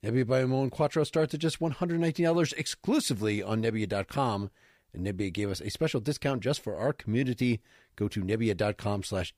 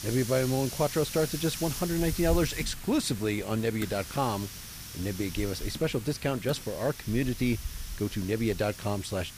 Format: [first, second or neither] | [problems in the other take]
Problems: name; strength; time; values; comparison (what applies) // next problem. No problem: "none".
first | hiss; loud; throughout; 9 dB below the speech